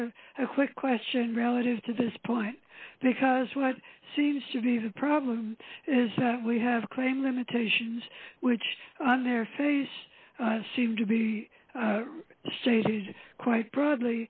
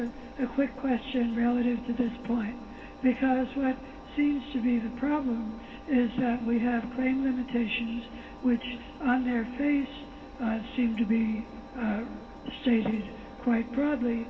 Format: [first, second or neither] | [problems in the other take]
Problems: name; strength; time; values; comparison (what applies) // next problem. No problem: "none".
first | background sound (Engine); 16 dB below the speech // room echo; dies away in 2.7 s